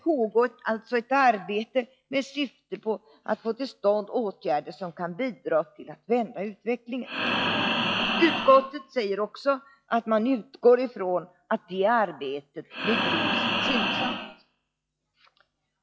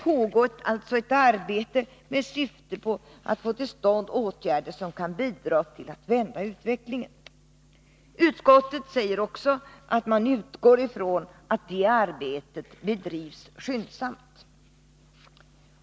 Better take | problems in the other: second | noise reduction (classical method log-MMSE)

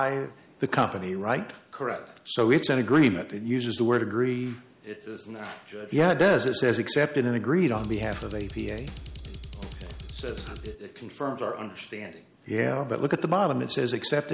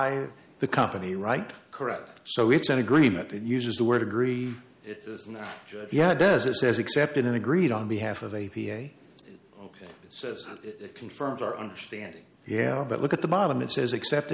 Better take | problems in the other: second | background sound (Drum kit); 12 dB below the speech

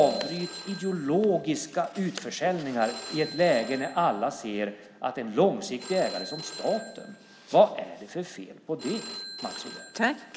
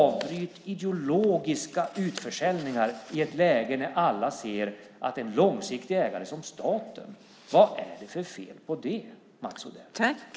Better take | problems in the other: second | background sound (Telephone); 15 dB below the speech

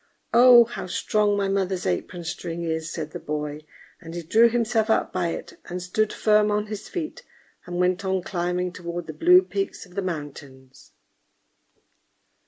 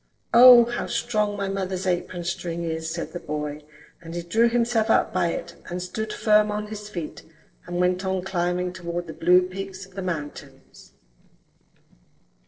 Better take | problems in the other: first | noise reduction (neural separator model SepFormer DNS4)

